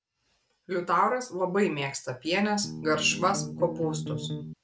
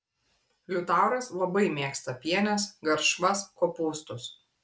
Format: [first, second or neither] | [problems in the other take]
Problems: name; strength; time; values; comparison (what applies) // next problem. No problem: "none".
second | background sound (Bass guitar); 6 dB below the speech